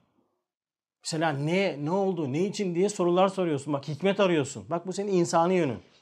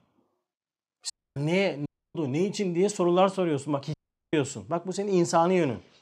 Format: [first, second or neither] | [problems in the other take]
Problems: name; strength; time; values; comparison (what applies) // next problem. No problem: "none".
first | audio cutting out; at 1 s, at 2 s and at 4 s